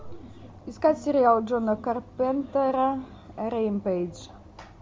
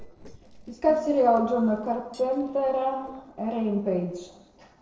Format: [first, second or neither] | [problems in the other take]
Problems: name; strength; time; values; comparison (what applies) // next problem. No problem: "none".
first | noise reduction (neural separator model SepFormer DNS4)